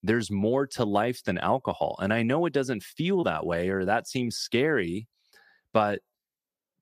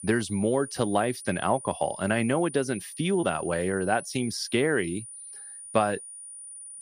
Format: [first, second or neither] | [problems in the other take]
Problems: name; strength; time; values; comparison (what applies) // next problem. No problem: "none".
first | high-pitched whine; noticeable; throughout; 9.5 kHz, 10 dB below the speech